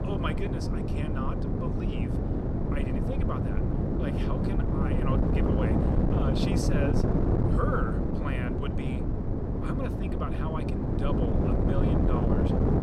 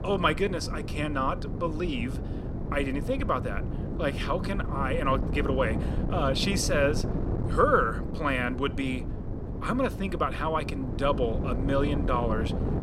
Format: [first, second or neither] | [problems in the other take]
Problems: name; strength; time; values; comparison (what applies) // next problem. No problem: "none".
second | wind noise on the microphone; heavy; 3 dB above the speech; occasional gusts in the second